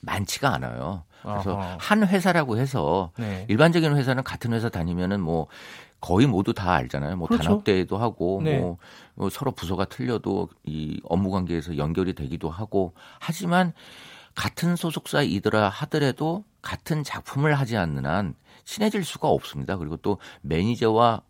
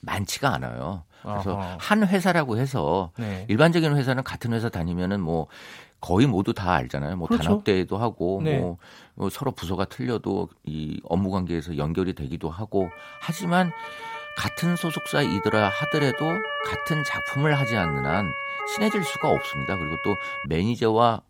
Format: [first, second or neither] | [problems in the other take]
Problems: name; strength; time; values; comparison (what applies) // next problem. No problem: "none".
first | siren; noticeable; from 13 to 20 s; peak 2 dB below the speech